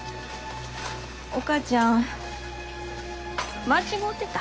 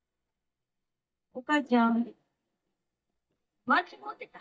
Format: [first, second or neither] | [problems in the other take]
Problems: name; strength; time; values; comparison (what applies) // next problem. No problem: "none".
first | noise reduction (neural mask model DeepFilterNet 3)